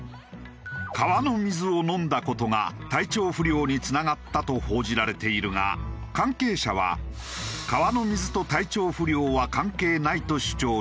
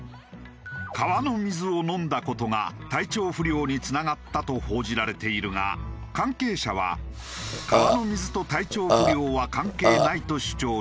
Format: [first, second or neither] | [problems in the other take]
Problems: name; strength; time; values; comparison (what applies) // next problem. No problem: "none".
first | background sound (Burping, eructation); 4 dB above the speech